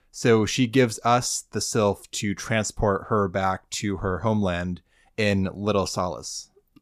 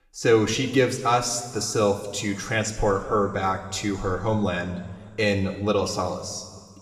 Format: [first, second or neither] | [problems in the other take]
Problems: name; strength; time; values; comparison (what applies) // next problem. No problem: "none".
first | room echo; slight; dies away in 1.8 s